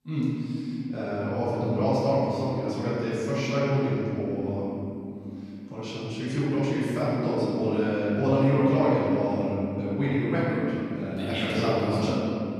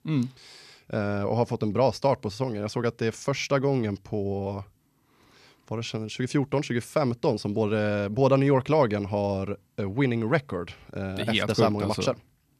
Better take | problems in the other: second | room echo; strong; dies away in 3 s // off-mic speech; far

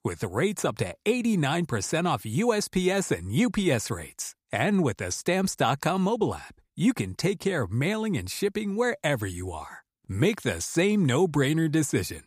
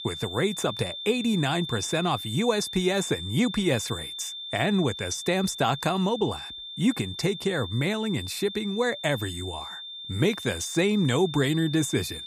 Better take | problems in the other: first | high-pitched whine; loud; throughout; 3.5 kHz, 9 dB below the speech

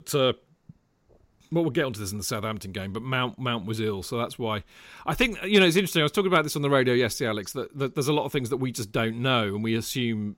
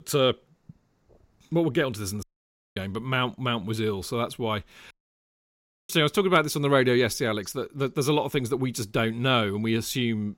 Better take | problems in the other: first | audio cutting out; at 2 s for 0.5 s and at 5 s for 1 s

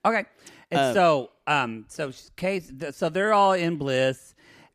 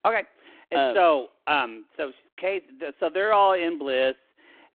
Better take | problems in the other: first | phone-call audio

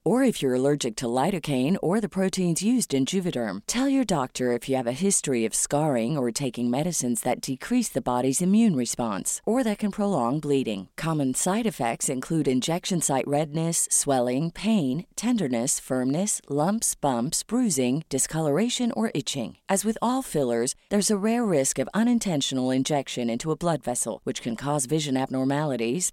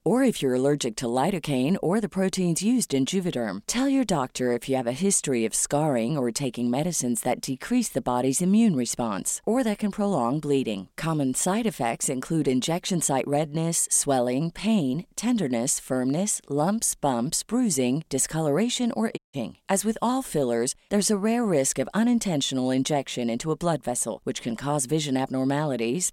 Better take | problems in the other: first | audio cutting out; at 19 s

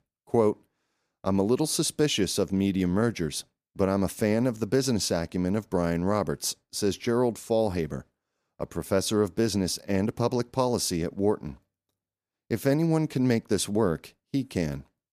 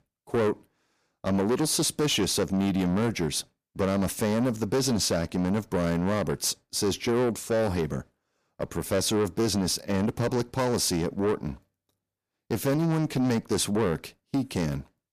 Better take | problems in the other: first | distortion; heavy; 8 dB below the speech

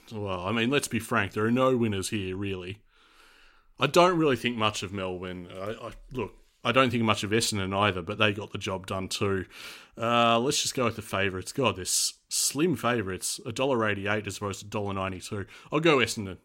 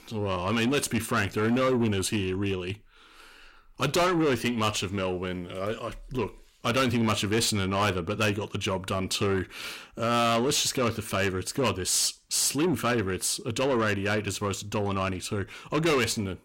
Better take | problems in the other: first | distortion; heavy; 8 dB below the speech

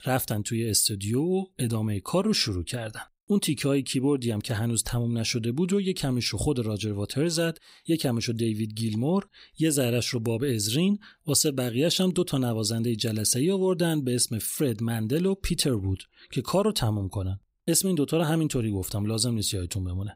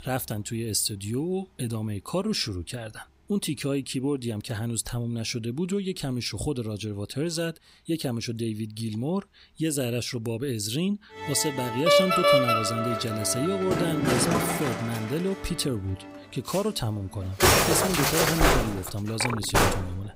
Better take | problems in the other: first | background music; very loud; throughout; 5 dB above the speech

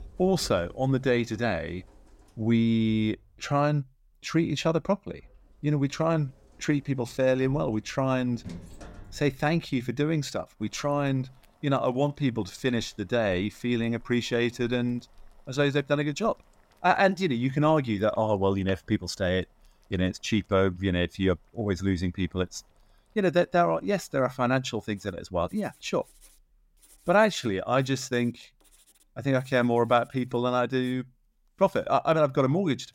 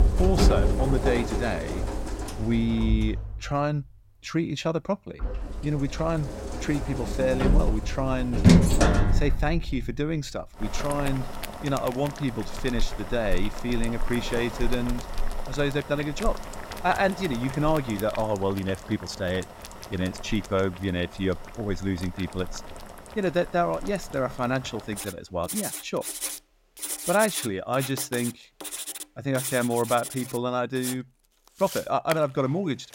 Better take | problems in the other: first | household noises; loud; throughout; 2 dB below the speech; faint in the first

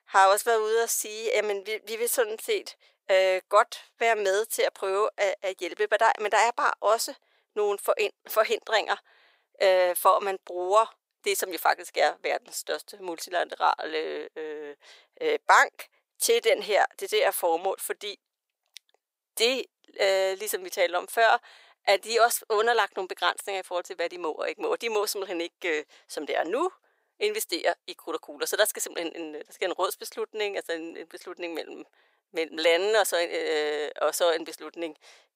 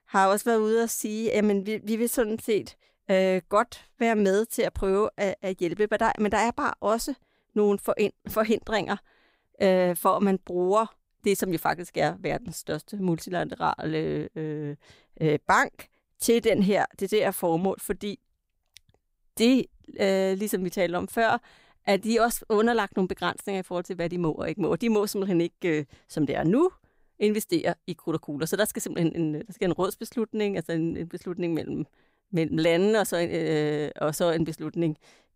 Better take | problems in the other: second | thin; very; fading below 450 Hz

